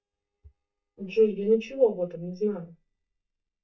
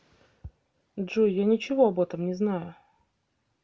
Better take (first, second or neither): second